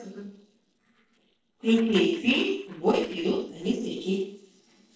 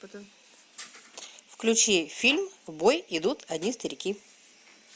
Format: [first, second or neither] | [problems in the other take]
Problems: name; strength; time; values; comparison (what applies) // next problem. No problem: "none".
second | noise reduction (neural separator model SepFormer DNS4)